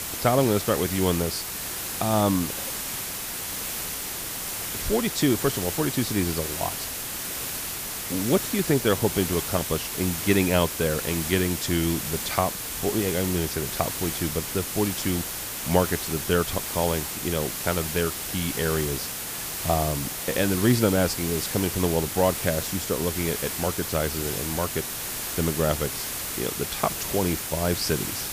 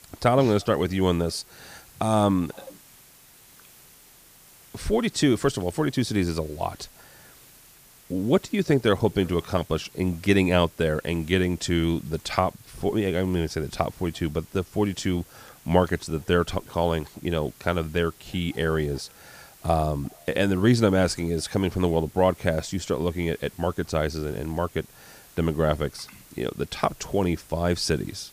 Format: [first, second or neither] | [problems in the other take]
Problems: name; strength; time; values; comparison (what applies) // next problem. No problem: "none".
second | hiss; loud; throughout; 3 dB below the speech; faint in the second